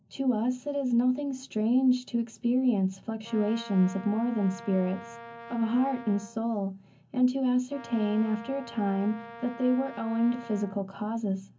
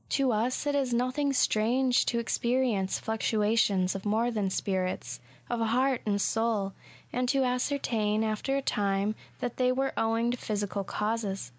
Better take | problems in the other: second | background sound (Brass instrument); 16 dB below the speech // room echo; dies away in 0.3 s

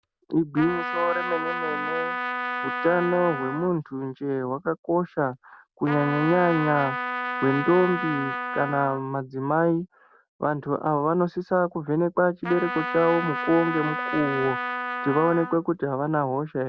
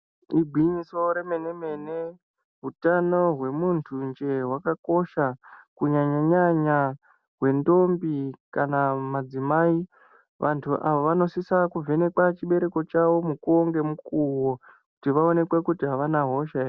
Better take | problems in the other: second | background sound (Trumpet); 5 dB below the speech

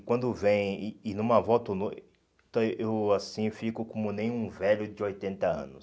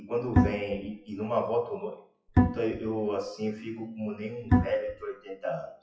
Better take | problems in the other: first | noise reduction (classical method WPE with log-MMSE)

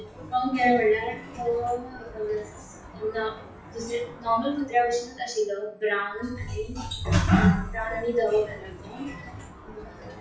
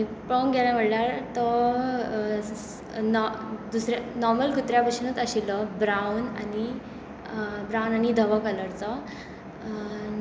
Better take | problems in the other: second | noise reduction (classical method WPE with log-MMSE)

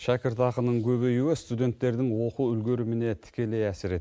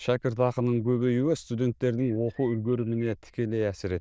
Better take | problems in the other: first | noise reduction (neural diffusion model UNIVERSE++)

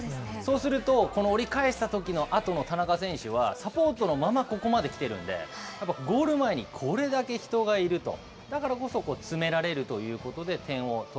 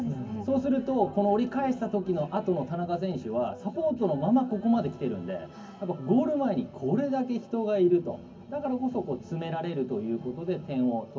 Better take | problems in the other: first | room echo; dies away in 0.3 s

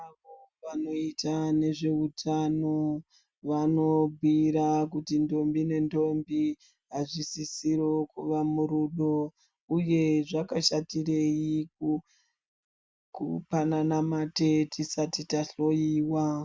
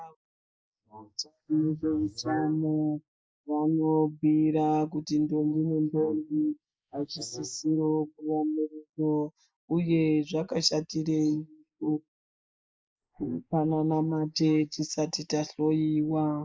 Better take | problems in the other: first | noise reduction (neural mask model Resemble Enhance denoiser)

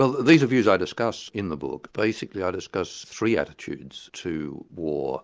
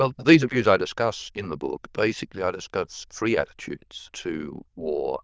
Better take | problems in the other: first | noise reduction (neural diffusion model UNIVERSE++)

